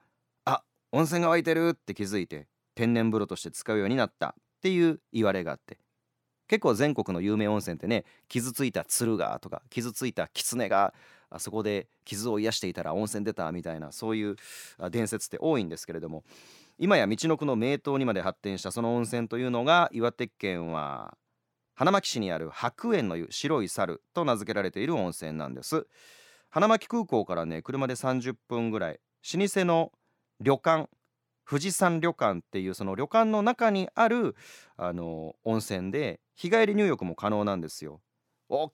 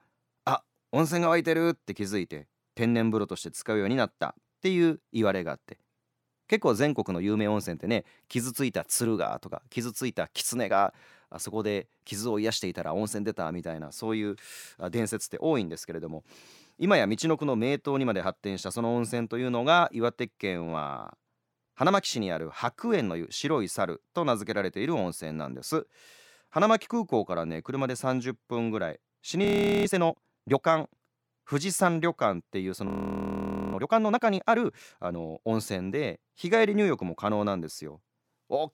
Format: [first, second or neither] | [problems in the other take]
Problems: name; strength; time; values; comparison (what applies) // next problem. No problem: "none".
first | audio freezing; at 29 s and at 33 s for 1 s